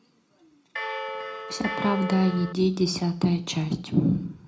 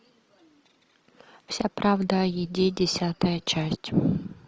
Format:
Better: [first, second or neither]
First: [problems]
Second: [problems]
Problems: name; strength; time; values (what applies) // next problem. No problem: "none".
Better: second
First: background sound (Bell); 7 dB below the speech // room echo; dies away in 0.3 s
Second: none